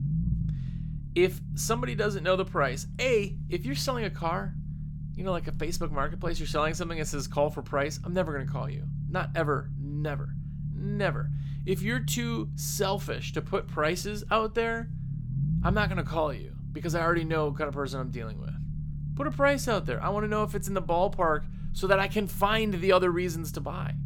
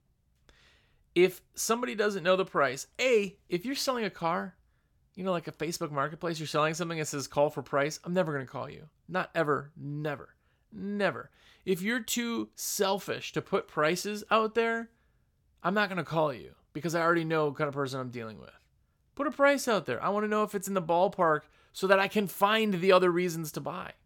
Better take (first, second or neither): second